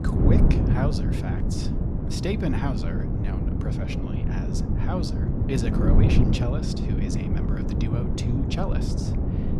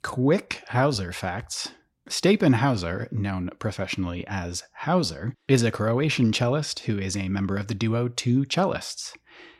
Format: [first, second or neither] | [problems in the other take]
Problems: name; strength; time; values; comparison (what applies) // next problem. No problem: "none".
second | wind noise on the microphone; heavy; 1 dB above the speech